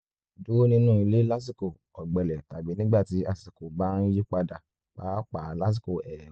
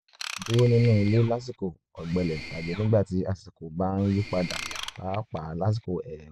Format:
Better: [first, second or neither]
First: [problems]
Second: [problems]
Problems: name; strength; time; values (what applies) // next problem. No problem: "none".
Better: first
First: none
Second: background sound (Mechanisms + Ratchet, pawl / Tools); 13 dB below the speech